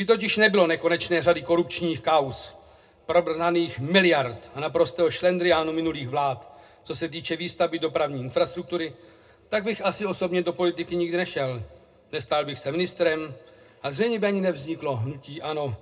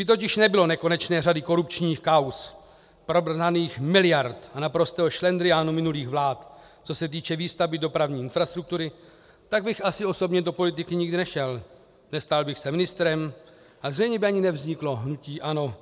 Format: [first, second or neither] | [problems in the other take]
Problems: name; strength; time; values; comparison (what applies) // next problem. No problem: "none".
second | room echo; dies away in 0.2 s